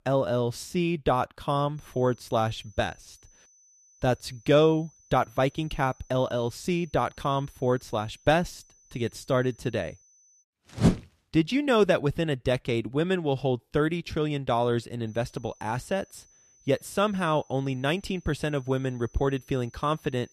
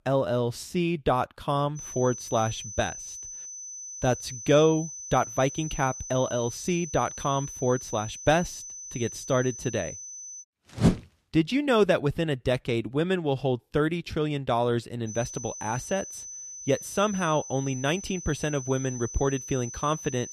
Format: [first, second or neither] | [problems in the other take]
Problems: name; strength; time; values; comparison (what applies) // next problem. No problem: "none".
first | high-pitched whine; loud; from 2 to 10 s and from 15 s on; 6 kHz, 10 dB below the speech; faint in the first